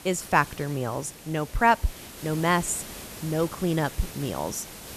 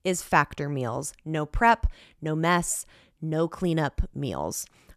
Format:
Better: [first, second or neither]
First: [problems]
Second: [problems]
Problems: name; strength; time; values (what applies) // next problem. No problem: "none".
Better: second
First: hiss; noticeable; throughout; 15 dB below the speech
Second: none